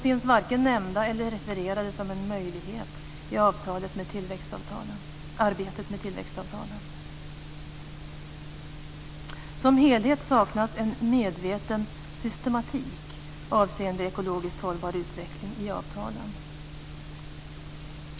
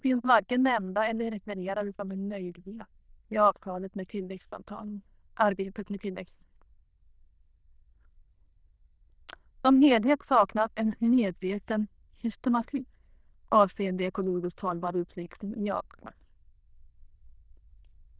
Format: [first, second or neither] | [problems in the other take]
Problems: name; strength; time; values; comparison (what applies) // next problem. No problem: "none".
first | noise reduction (neural diffusion model UNIVERSE++)